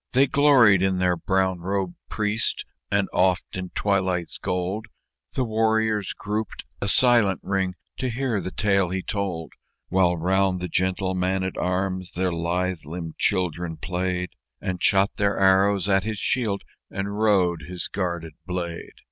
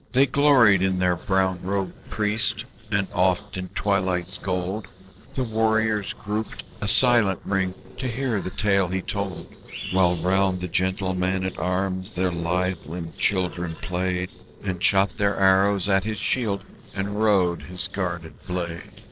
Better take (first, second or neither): first